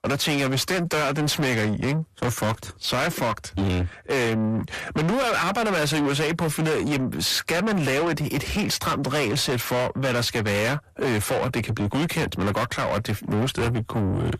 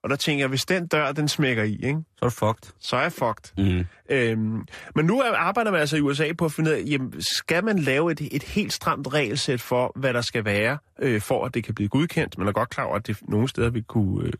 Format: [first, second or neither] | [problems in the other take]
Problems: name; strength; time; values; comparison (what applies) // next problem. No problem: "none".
second | distortion; heavy; 6 dB below the speech